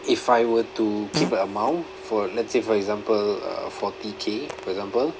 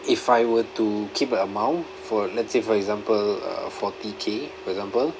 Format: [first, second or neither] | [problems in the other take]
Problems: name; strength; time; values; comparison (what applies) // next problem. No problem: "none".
second | background sound (Fart); 14 dB below the speech